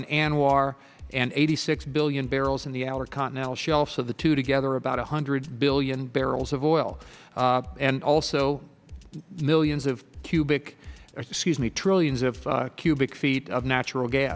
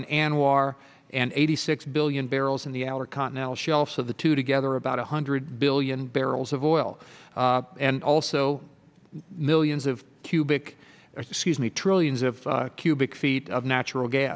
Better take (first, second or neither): second